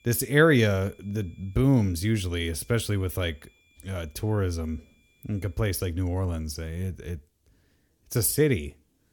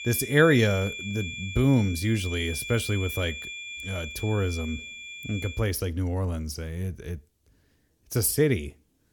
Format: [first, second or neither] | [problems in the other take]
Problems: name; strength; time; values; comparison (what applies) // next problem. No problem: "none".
first | high-pitched whine; loud; until 5.5 s; 2.5 kHz, 9 dB below the speech; faint in the first